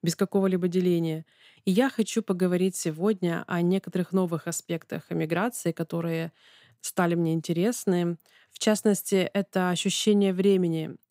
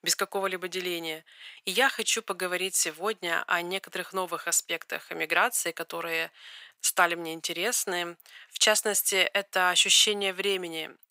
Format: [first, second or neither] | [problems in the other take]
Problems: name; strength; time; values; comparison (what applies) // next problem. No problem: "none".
first | thin; very; fading below 900 Hz